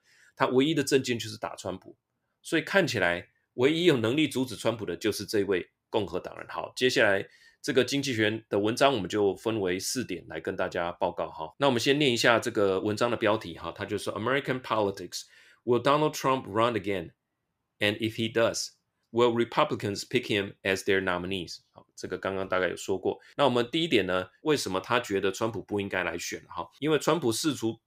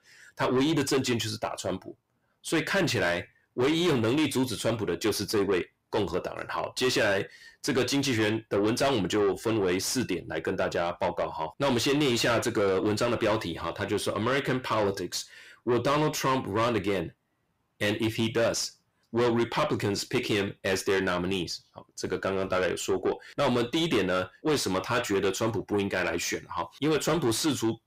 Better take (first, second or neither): first